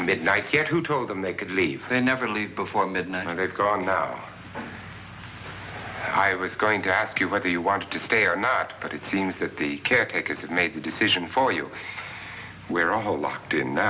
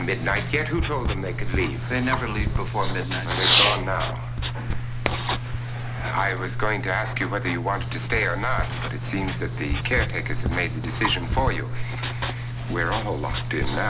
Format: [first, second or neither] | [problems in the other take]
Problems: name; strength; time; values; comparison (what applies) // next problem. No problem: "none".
first | background sound (Writing + Fireworks); 2 dB above the speech